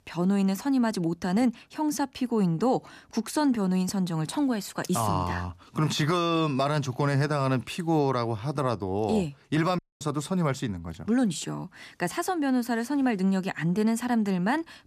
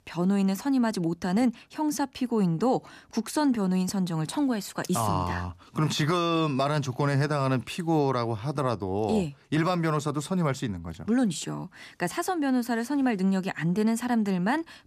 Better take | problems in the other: second | audio cutting out; at 10 s

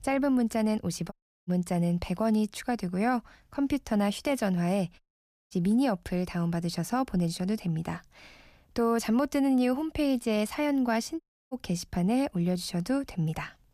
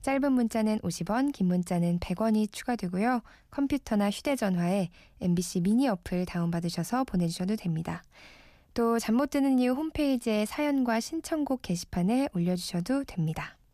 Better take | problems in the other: second | audio cutting out; at 1 s, at 5 s for 0.5 s and at 11 s

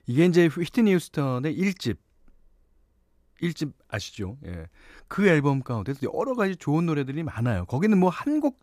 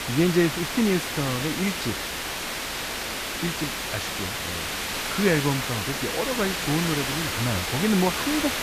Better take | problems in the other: first | hiss; loud; throughout; 1 dB below the speech

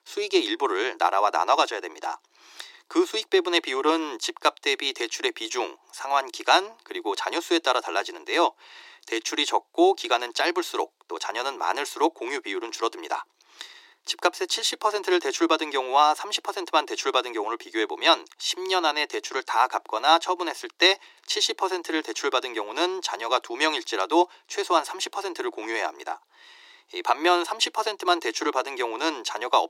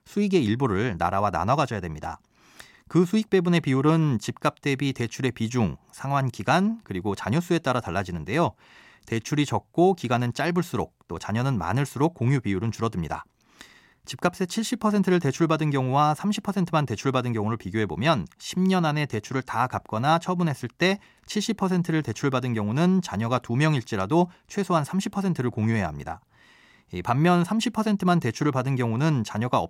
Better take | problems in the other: second | thin; very; fading below 350 Hz

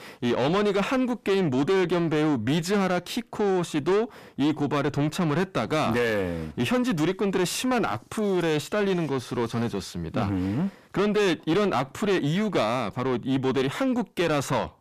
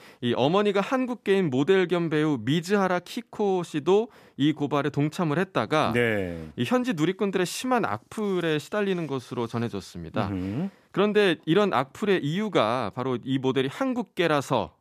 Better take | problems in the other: second | distortion; heavy; 7 dB below the speech

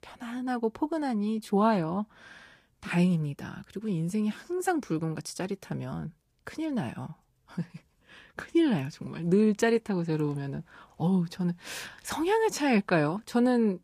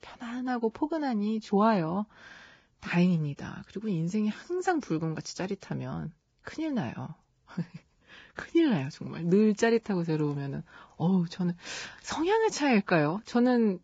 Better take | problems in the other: first | garbled, watery; badly; nothing above 7.5 kHz; slightly in the first

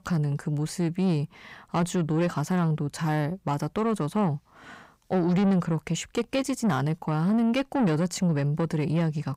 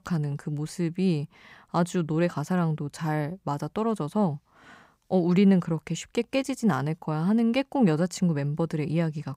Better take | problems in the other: second | distortion; slight; 10 dB below the speech

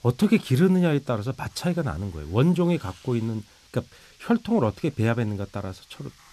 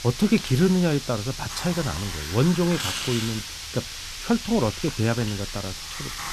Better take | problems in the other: first | hiss; loud; throughout; 7 dB below the speech; faint in the first

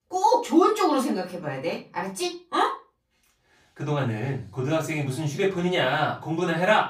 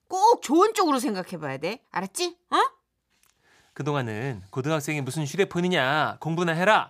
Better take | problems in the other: second | off-mic speech; far // room echo; slight; dies away in 0.3 s

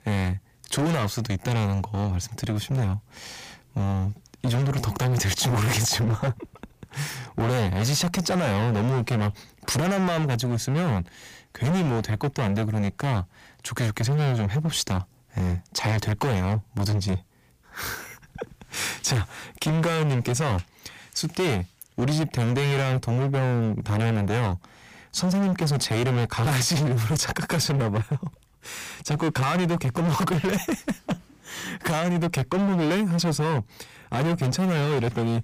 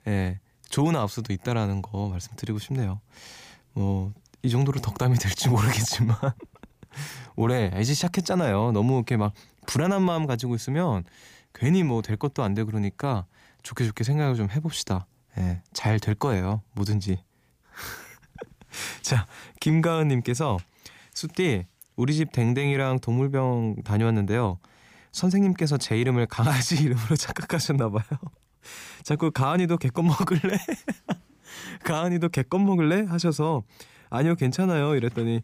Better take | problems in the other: second | distortion; heavy; 24% of the sound clipped

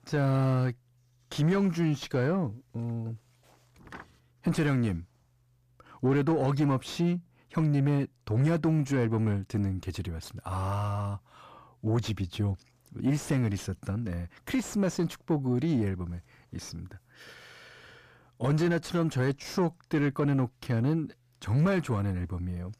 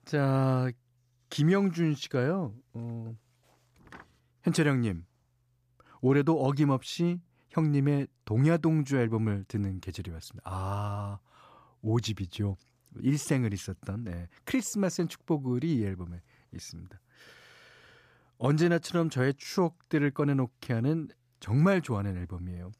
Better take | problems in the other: second | distortion; slight; 10 dB below the speech

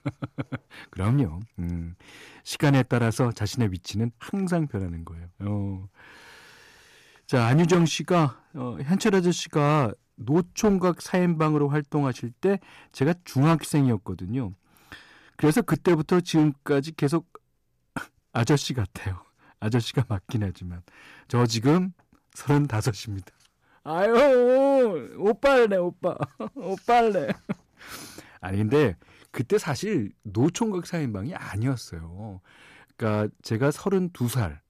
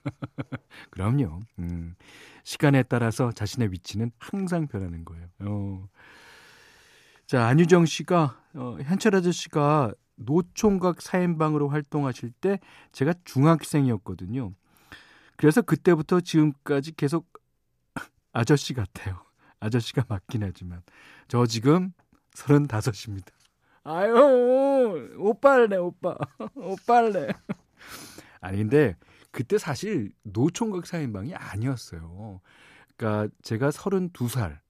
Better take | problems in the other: second | distortion; slight; 4% of the sound clipped

